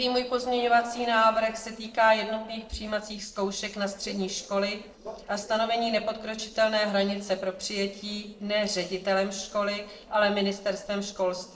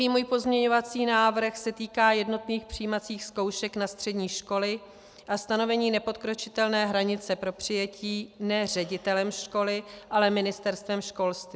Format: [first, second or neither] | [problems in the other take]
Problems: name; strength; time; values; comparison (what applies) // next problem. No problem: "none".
second | noise reduction (neural separator model SepFormer DNS4)